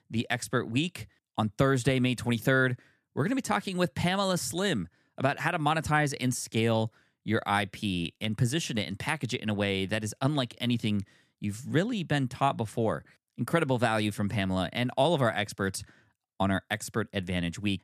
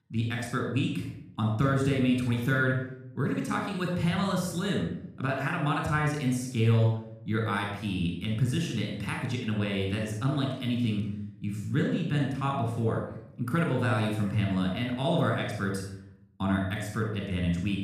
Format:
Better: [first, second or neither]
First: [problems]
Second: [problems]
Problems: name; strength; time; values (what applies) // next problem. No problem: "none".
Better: first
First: none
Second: off-mic speech; somewhat distant // room echo; noticeable; dies away in 0.7 s